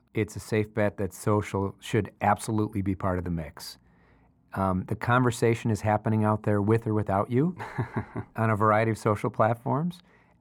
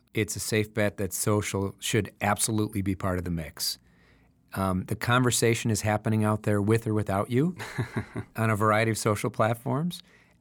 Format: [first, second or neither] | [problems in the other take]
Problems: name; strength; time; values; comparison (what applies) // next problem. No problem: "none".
second | muffled; slightly; fading above 2.5 kHz